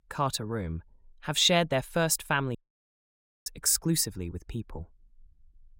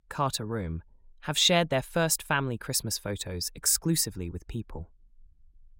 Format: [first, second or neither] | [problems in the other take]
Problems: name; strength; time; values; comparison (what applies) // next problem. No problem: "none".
second | audio cutting out; at 2.5 s for 1 s